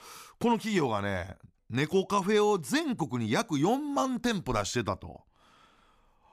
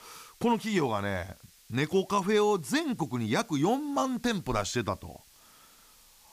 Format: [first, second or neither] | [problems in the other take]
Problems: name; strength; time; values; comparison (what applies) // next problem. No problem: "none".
first | hiss; faint; throughout; 25 dB below the speech